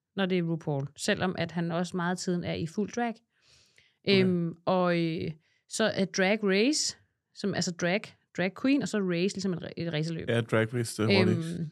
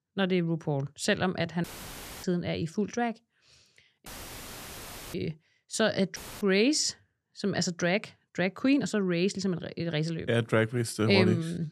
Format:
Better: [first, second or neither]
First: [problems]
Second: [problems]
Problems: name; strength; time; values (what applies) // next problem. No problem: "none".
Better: first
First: none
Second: audio cutting out; filled with static; at 1.5 s for 0.5 s, at 4 s for 1 s and at 6 s